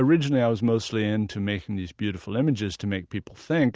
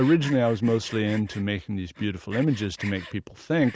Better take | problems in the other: first | background sound (Sawing); 18 dB below the speech

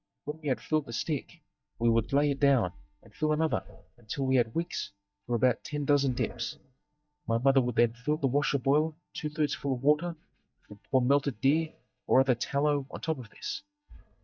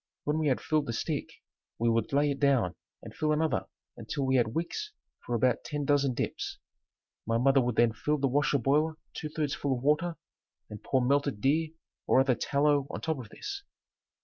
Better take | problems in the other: second | noise reduction (neural mask model DeepFilterNet 3)

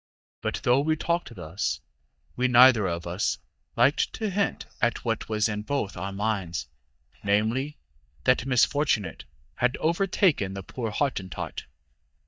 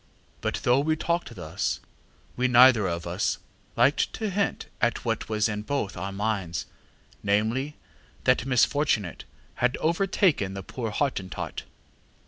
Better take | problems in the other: second | noise reduction (neural mask model DeepFilterNet 3)

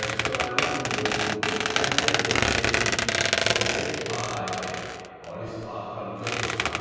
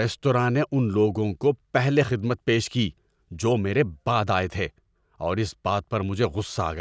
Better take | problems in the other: second | background sound (Squeak); 5 dB above the speech // room echo; dies away in 2.2 s

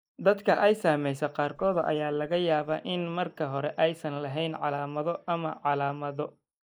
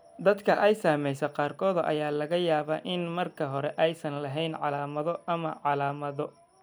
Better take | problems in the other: second | noise reduction (neural mask model Resemble Enhance denoiser)

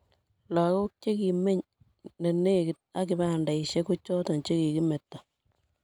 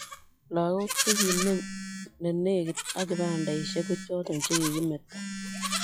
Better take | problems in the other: first | noise reduction (classical method log-MMSE)

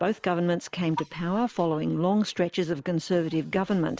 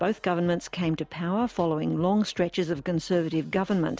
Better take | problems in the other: second | noise reduction (neural mask model Resemble Enhance denoiser)

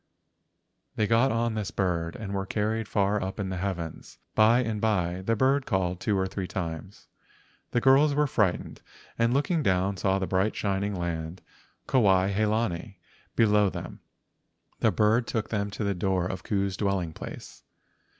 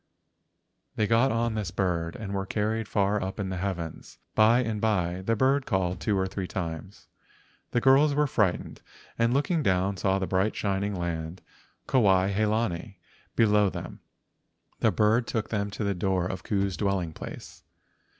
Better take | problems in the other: first | background sound (Bass drum / Thump, thud); 19 dB below the speech

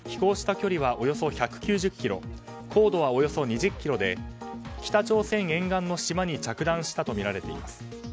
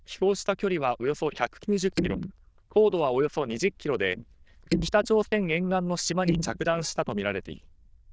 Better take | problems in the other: first | noise reduction (neural diffusion model UNIVERSE++)

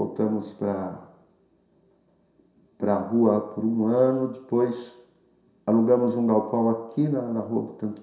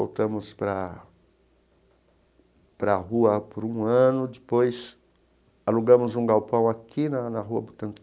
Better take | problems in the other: second | room echo; dies away in 0.7 s

